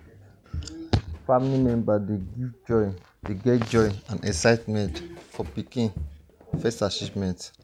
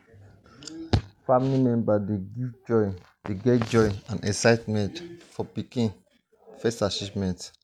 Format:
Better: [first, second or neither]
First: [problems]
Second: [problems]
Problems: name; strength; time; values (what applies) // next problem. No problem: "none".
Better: second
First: background sound (Walk, footsteps); 14 dB below the speech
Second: none